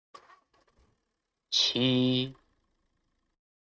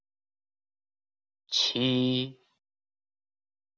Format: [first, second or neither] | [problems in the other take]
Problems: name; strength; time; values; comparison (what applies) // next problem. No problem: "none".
second | noise reduction (neural mask model RNNoise)